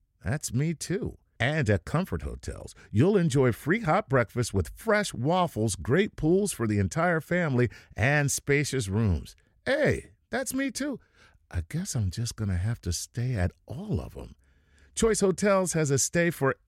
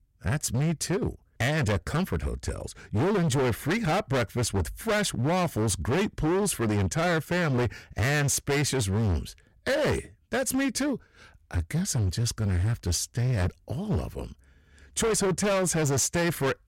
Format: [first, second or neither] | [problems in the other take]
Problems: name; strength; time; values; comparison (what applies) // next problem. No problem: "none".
first | distortion; heavy; 23% of the sound clipped